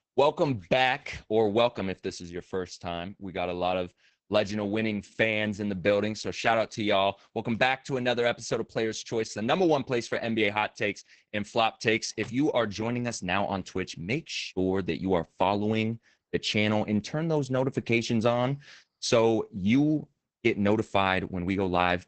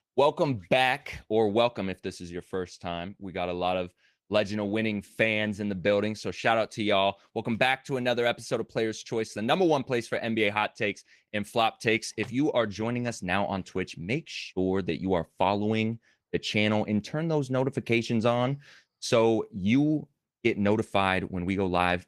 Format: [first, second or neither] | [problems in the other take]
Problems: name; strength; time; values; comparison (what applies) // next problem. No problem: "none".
second | garbled, watery; badly; nothing above 8 kHz; slightly in the second